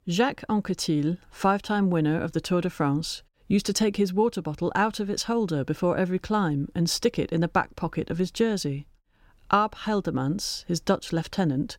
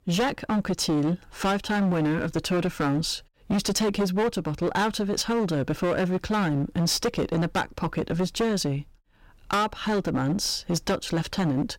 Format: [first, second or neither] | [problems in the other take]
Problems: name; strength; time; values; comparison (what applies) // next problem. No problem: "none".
first | distortion; heavy; 17% of the sound clipped